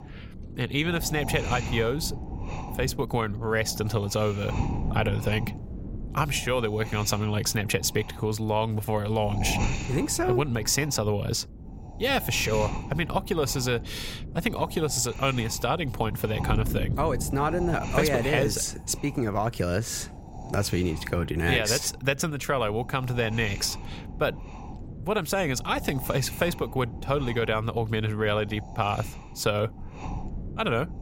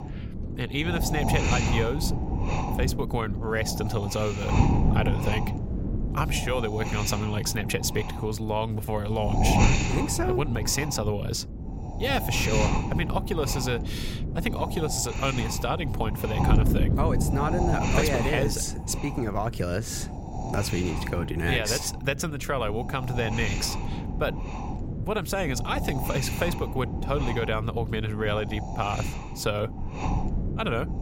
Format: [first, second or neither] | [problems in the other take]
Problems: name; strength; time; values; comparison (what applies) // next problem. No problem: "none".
first | wind noise on the microphone; heavy; 4 dB below the speech; occasional gusts in the first